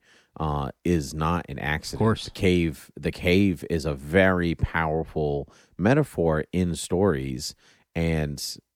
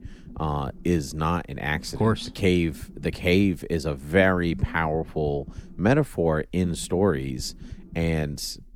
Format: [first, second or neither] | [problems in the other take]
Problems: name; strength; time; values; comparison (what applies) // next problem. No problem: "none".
first | low rumble; faint; throughout; 25 dB below the speech